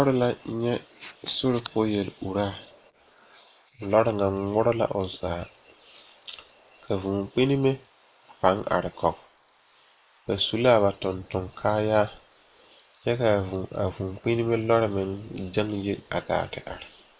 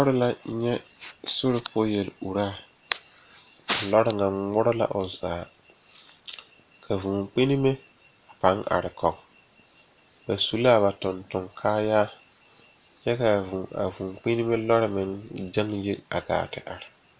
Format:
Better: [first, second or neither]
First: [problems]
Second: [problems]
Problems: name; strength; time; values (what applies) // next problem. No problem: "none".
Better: second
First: noise reduction (neural mask model Resemble Enhance denoiser)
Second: none